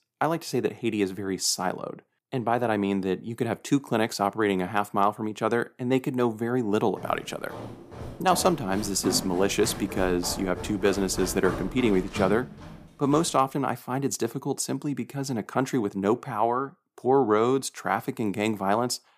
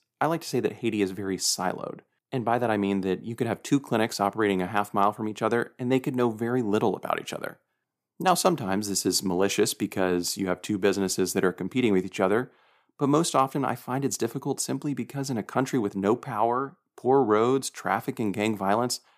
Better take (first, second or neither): second